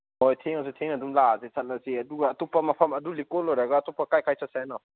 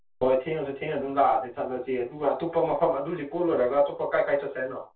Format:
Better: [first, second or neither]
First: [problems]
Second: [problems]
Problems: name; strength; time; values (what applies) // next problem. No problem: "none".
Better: first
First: none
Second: room echo; dies away in 0.2 s